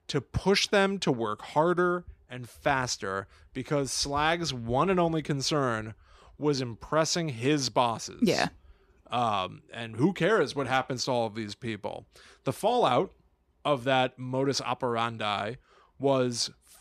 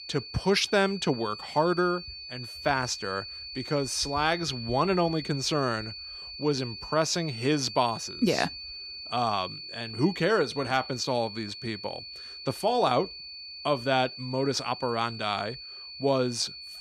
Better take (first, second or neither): first